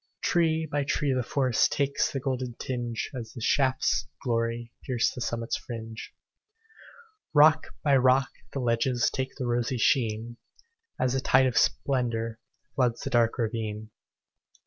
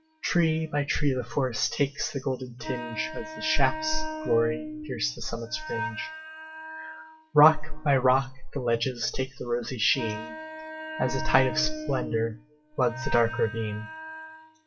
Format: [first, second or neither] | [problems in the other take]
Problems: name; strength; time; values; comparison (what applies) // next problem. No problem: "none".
first | noise reduction (classical method WPE with log-MMSE)